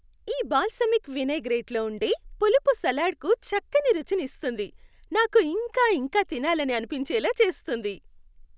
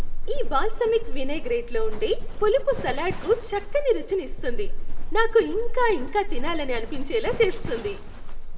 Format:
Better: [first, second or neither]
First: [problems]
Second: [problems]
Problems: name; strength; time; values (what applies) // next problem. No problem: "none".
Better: first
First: none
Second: background sound (Livestock, farm animals, working animals); 2 dB above the speech // room echo; dies away in 2 s